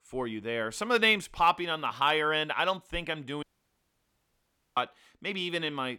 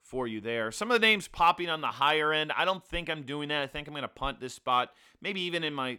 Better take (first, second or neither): second